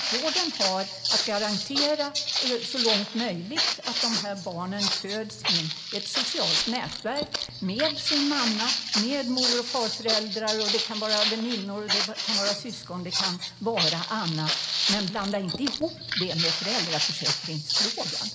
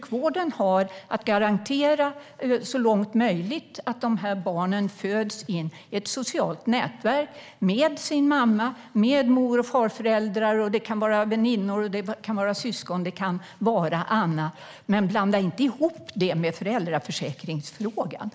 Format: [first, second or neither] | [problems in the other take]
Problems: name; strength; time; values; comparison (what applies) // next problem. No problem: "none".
second | background sound (Walk, footsteps); 2 dB above the speech // room echo; dies away in 1.2 s